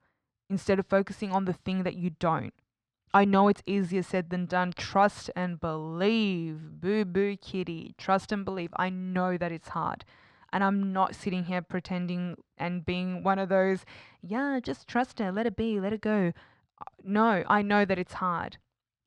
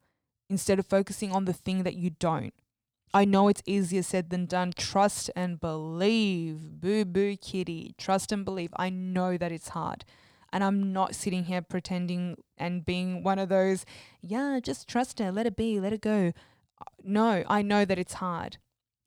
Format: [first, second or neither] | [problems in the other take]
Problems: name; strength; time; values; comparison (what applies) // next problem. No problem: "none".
second | muffled; slightly; fading above 4 kHz